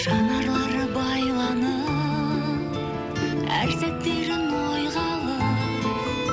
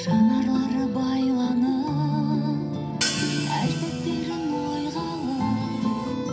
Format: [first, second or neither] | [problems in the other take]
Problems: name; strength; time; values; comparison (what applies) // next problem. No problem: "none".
first | background sound (Hi-hat); 11 dB below the speech // room echo; dies away in 0.3 s